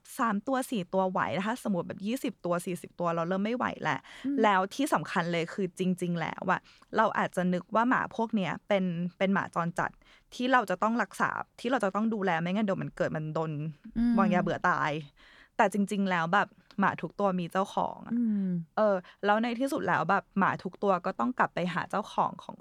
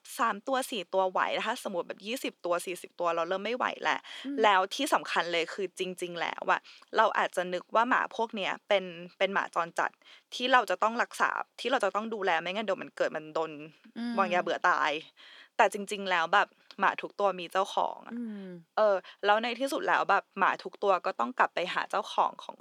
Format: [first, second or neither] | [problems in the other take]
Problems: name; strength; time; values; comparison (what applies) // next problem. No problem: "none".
first | thin; somewhat; fading below 350 Hz